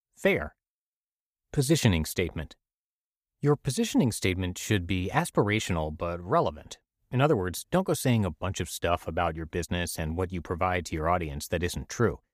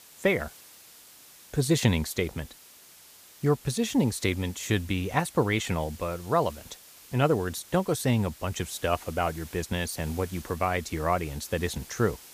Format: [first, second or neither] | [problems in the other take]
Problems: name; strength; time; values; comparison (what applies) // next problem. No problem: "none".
first | hiss; noticeable; throughout; 20 dB below the speech